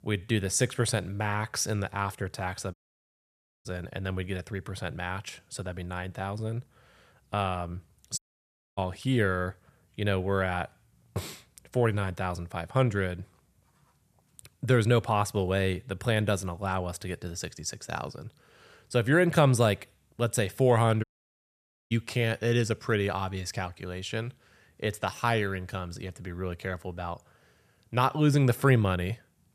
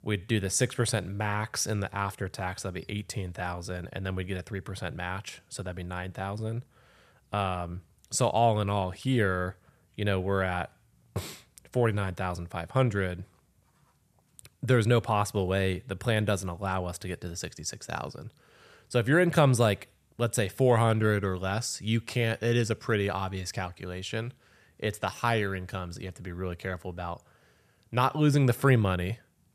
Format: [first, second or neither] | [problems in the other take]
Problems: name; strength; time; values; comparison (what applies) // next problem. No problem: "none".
second | audio cutting out; at 2.5 s for 1 s, at 8 s for 0.5 s and at 21 s for 1 s